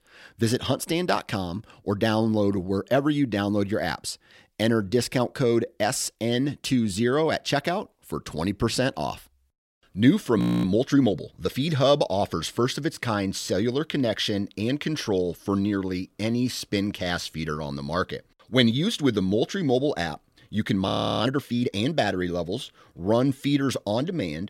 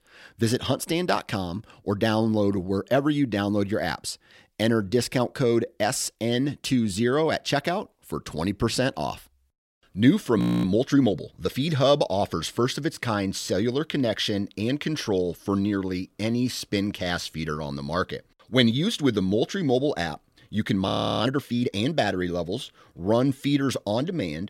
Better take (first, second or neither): neither